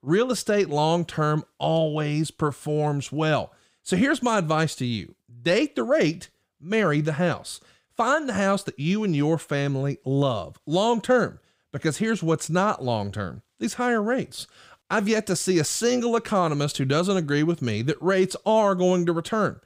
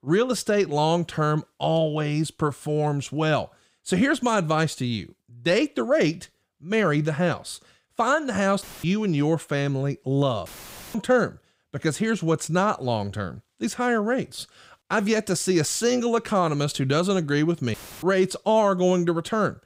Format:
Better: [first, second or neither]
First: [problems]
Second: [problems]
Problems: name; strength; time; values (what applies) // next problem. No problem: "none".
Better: first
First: none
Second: audio cutting out; filled with static; at 8.5 s, at 10 s and at 18 s